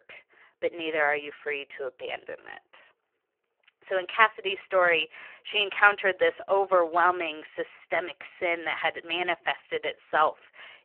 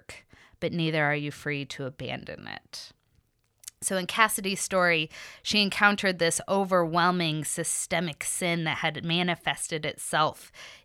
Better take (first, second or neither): second